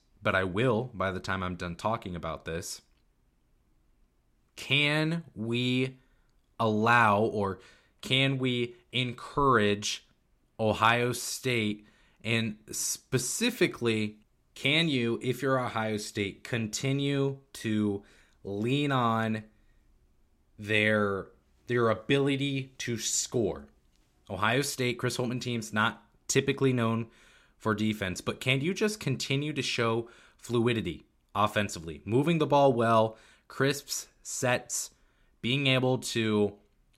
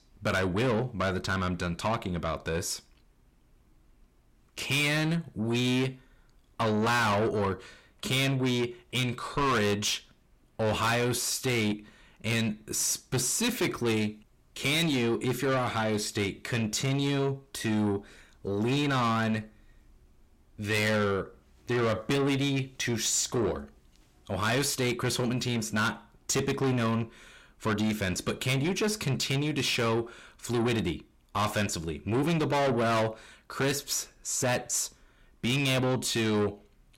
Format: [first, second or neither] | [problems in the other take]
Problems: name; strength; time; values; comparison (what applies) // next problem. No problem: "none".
first | distortion; heavy; 6 dB below the speech